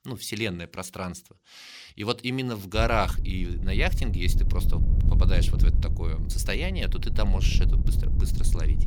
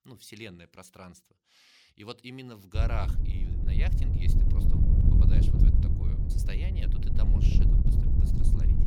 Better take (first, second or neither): first